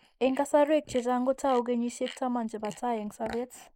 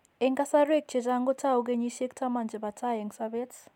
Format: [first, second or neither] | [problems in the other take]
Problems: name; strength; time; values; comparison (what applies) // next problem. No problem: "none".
second | noise reduction (neural mask model Resemble Enhance denoiser)